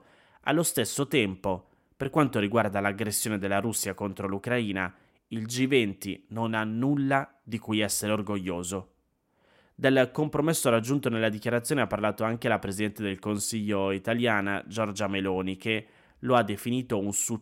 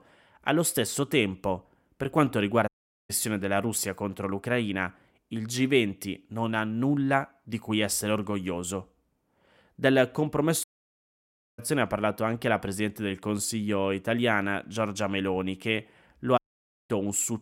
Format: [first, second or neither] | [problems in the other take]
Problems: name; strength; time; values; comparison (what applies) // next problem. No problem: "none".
first | audio cutting out; at 2.5 s, at 11 s for 1 s and at 16 s for 0.5 s